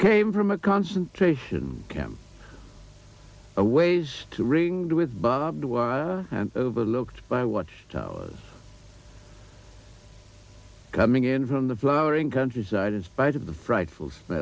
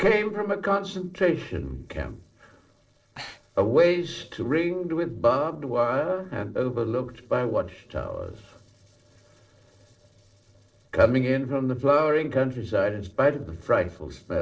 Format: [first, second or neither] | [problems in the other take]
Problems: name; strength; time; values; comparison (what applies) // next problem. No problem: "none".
first | noise reduction (neural separator model SepFormer DNS4)